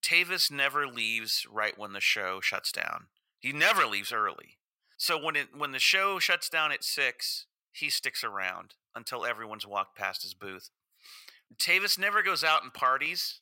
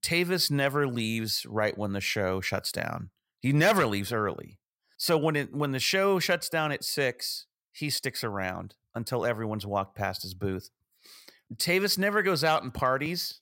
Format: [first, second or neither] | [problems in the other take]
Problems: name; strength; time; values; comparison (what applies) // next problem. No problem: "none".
second | thin; very; fading below 1 kHz